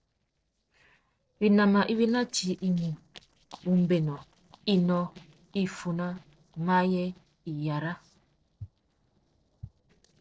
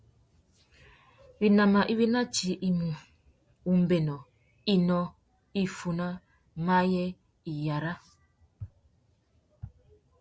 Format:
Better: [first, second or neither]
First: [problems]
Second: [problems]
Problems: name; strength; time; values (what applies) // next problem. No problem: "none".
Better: second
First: noise reduction (neural separator model SepFormer DNS4)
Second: none